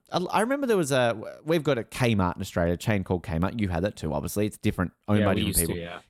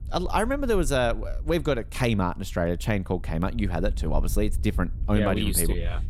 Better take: first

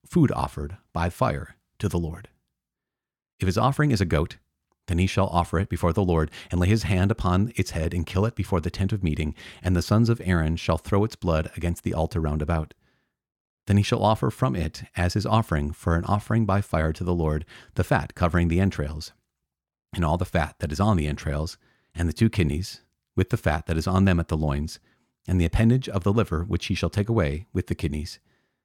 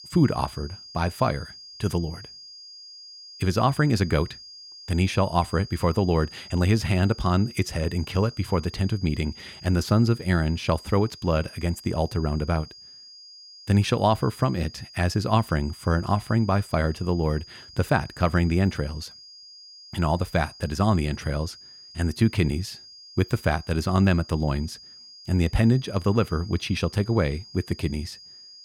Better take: first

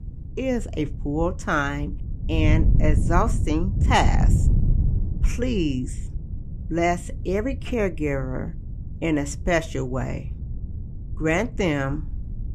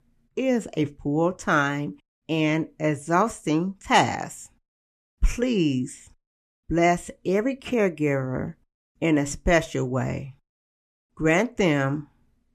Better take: second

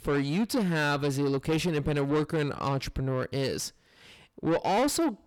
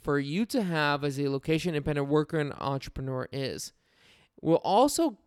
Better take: second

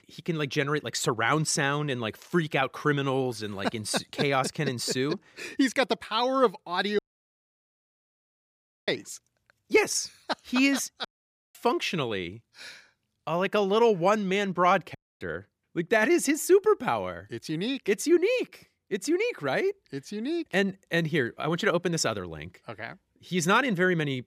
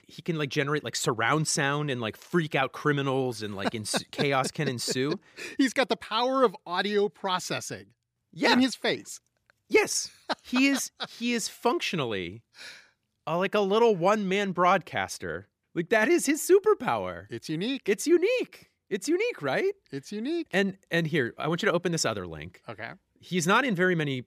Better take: second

